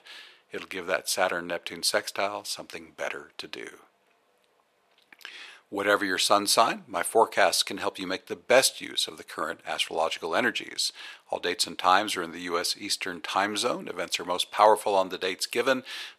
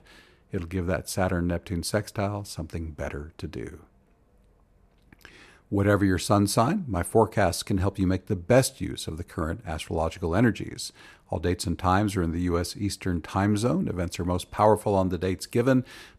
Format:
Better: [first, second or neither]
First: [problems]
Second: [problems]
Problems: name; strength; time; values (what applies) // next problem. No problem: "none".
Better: second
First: thin; very; fading below 600 Hz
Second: none